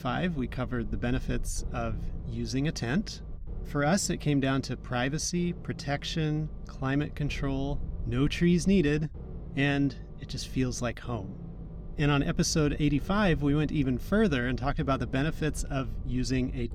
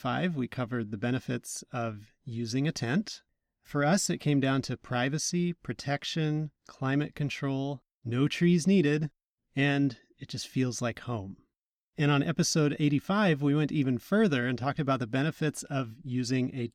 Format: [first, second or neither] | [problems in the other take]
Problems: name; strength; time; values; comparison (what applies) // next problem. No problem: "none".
second | low rumble; faint; throughout; 20 dB below the speech